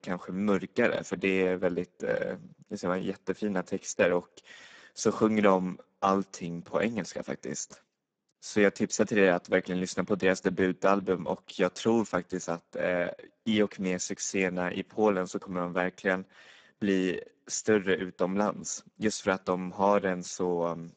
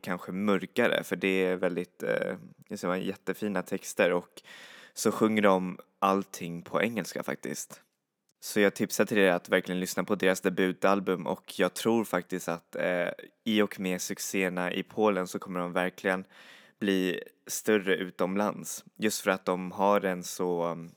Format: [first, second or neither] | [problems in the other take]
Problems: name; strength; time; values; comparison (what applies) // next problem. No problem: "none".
second | garbled, watery; badly; nothing above 7.5 kHz